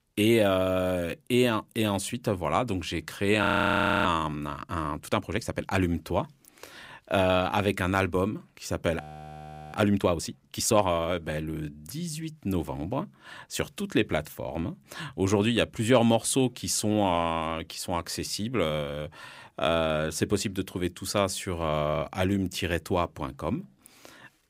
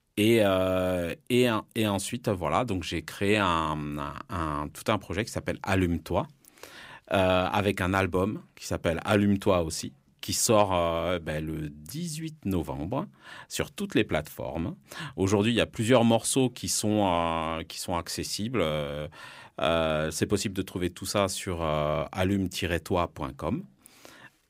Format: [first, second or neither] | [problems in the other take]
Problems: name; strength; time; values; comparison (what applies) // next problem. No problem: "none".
second | audio freezing; at 3.5 s for 0.5 s and at 9 s for 0.5 s